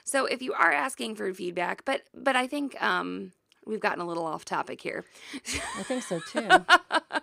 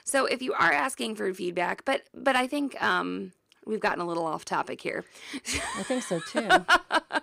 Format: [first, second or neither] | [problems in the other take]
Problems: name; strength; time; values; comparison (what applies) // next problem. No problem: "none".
first | distortion; slight; 10 dB below the speech